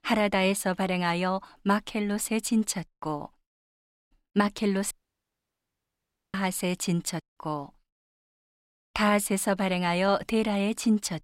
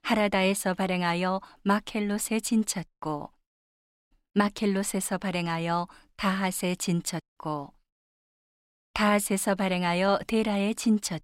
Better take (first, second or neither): second